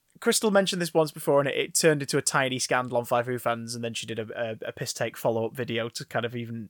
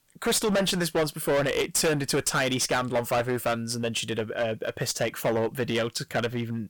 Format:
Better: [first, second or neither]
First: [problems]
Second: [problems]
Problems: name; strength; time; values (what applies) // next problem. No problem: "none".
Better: first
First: none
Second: distortion; heavy; 15% of the sound clipped